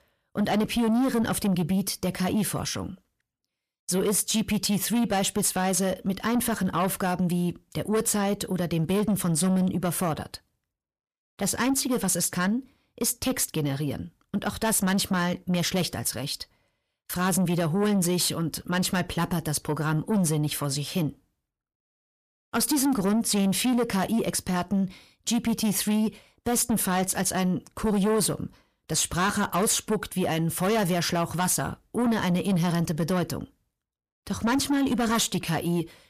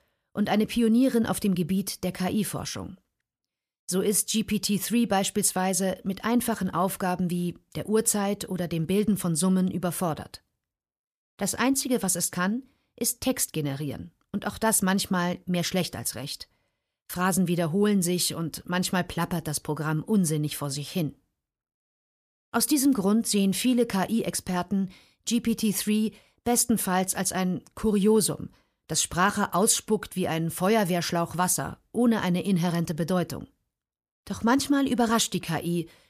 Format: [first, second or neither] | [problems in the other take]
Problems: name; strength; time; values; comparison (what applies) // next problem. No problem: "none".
second | distortion; slight; 10 dB below the speech